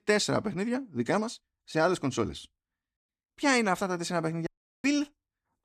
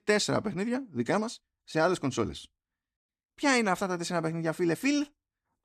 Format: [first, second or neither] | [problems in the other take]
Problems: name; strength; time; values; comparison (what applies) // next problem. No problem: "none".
second | audio cutting out; at 4.5 s